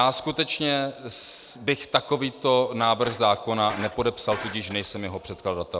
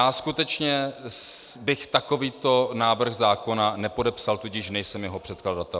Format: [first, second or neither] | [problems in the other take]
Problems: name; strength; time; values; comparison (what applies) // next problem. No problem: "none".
second | background sound (Shatter); 14 dB below the speech